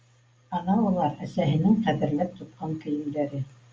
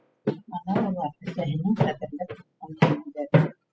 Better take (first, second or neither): first